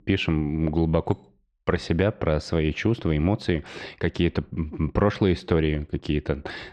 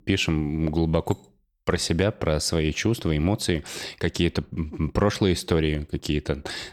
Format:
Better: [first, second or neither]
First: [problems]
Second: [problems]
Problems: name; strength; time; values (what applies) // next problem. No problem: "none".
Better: second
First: muffled; slightly; fading above 2.5 kHz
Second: none